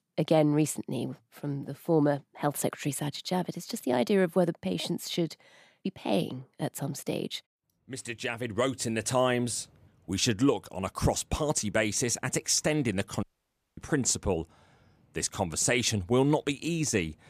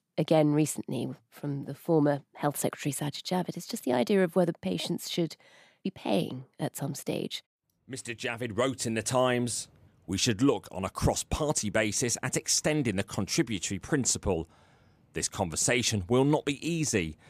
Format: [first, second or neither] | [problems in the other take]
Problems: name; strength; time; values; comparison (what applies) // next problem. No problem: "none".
second | audio cutting out; at 13 s for 0.5 s